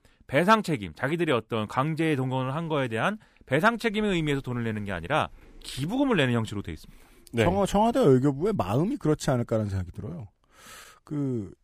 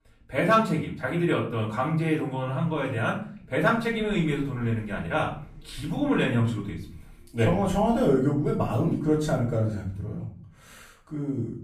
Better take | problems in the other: first | off-mic speech; far // room echo; noticeable; dies away in 0.5 s

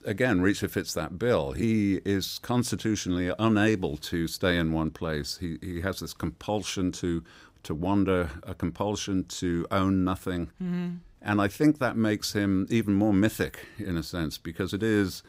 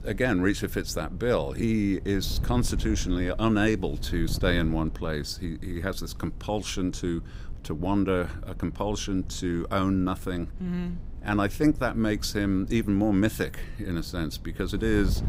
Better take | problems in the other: first | wind noise on the microphone; occasional gusts; 20 dB below the speech

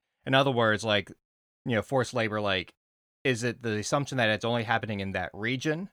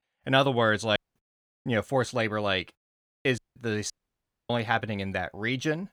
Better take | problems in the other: first | audio cutting out; at 1 s, at 3.5 s and at 4 s for 0.5 s

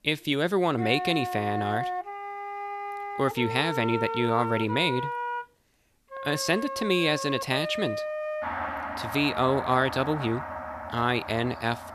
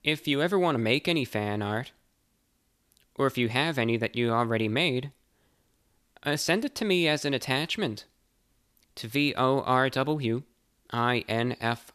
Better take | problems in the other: second | background music; loud; throughout; 6 dB below the speech

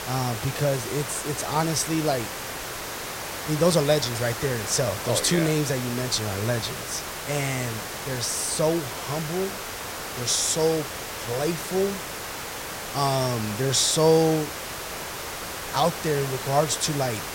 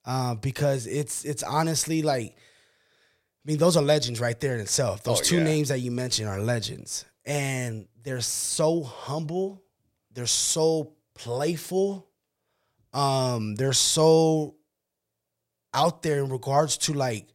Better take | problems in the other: second | hiss; loud; throughout; 7 dB below the speech

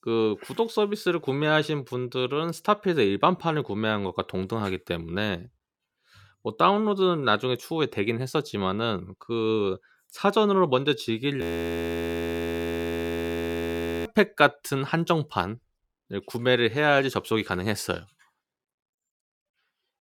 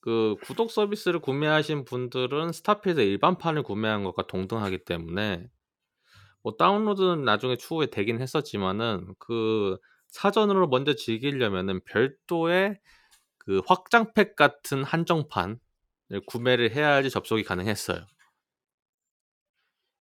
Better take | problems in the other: second | audio freezing; at 11 s for 2.5 s

